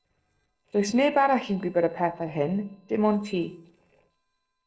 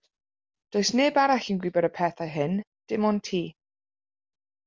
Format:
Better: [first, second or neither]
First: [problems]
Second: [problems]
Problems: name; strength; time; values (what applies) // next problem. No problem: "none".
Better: second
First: noise reduction (neural separator model SepFormer DNS4)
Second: none